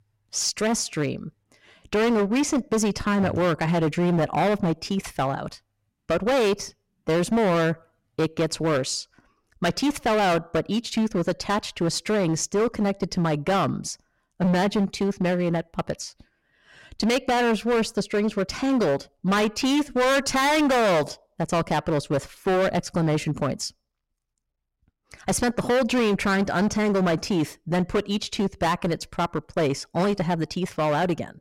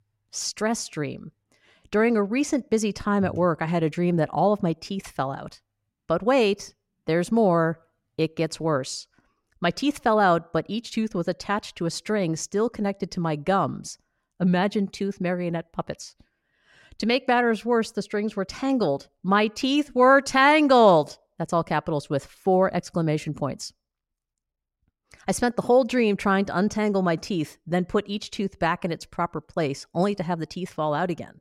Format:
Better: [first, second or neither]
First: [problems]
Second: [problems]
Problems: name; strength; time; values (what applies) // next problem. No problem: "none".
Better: second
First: distortion; heavy; 16% of the sound clipped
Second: none